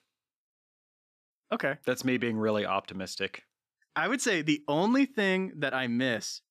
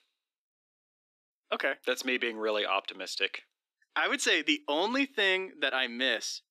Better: first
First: none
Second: thin; somewhat; fading below 300 Hz

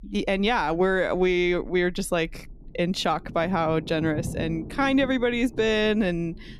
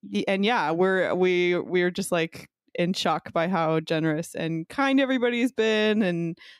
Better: second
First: low rumble; noticeable; throughout; 20 dB below the speech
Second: none

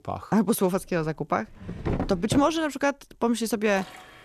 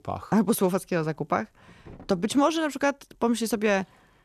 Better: second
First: household noises; loud; from 1 s on; 8 dB below the speech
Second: household noises; faint; from 1 s on; 25 dB below the speech

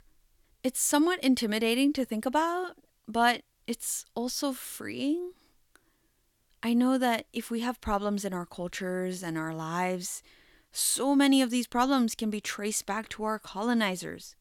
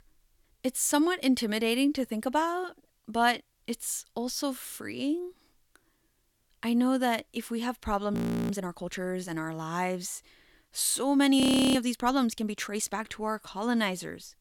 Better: first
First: none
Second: audio freezing; at 8 s and at 11 s

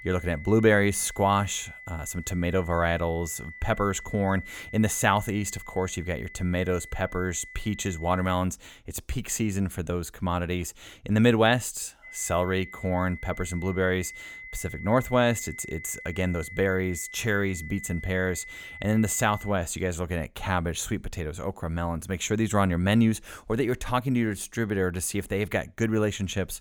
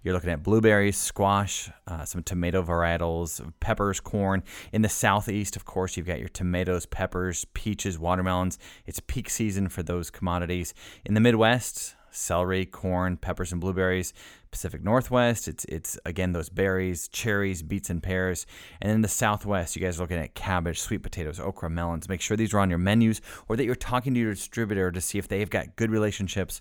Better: second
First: high-pitched whine; noticeable; until 8.5 s and from 12 to 20 s; 2 kHz, 15 dB below the speech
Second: none

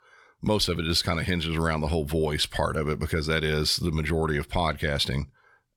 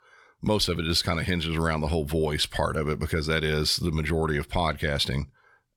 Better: neither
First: none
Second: none

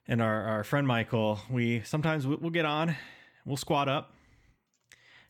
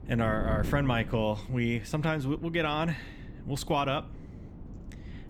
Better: first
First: none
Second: wind noise on the microphone; occasional gusts; 20 dB below the speech

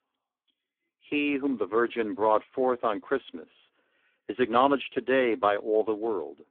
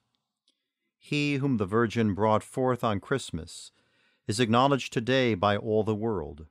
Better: second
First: phone-call audio; poor line; nothing above 3.5 kHz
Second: none

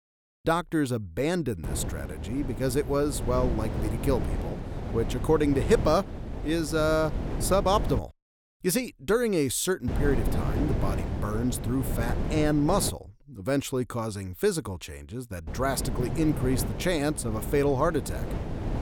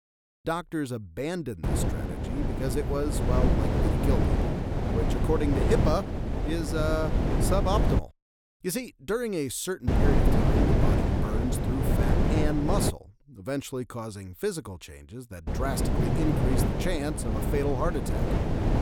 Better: first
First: wind noise on the microphone; occasional gusts; from 1.5 to 8 s, from 10 to 13 s and from 15 s on; 10 dB below the speech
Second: wind noise on the microphone; heavy; from 1.5 to 8 s, from 10 to 13 s and from 15 s on; as loud as the speech

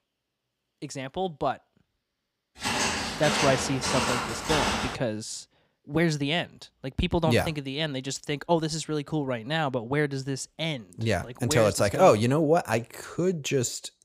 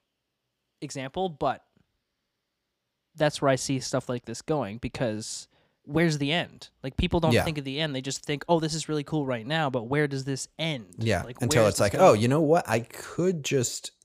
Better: second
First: footsteps; loud; from 2.5 to 5 s; peak 1 dB above the speech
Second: none

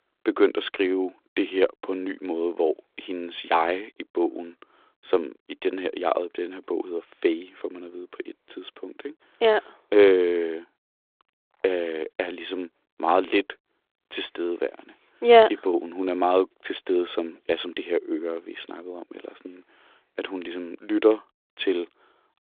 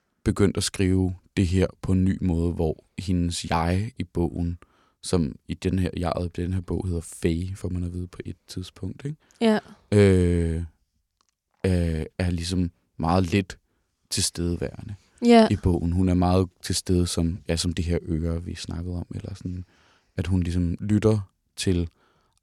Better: second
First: phone-call audio; nothing above 3.5 kHz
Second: none

